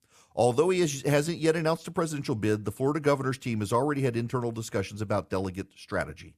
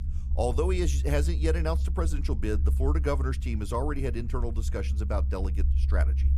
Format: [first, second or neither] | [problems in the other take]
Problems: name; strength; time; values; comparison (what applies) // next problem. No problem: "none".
first | low rumble; noticeable; throughout; 15 dB below the speech